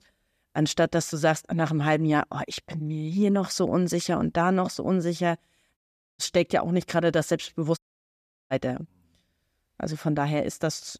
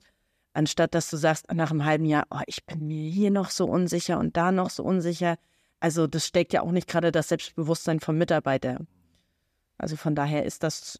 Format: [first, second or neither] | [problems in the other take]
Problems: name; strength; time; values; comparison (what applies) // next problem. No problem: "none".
second | audio cutting out; at 6 s and at 8 s for 0.5 s